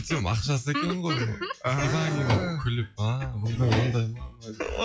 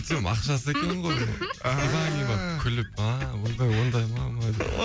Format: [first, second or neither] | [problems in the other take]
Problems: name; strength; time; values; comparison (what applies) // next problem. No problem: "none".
second | noise reduction (classical method log-MMSE)